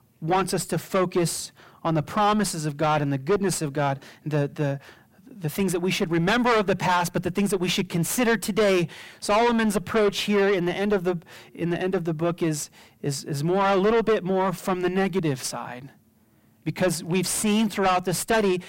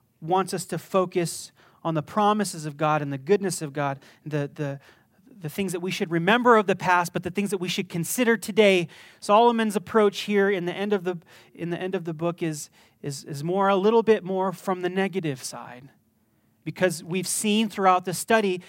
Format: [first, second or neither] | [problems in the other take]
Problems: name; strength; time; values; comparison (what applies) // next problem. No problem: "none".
second | distortion; heavy; 5 dB below the speech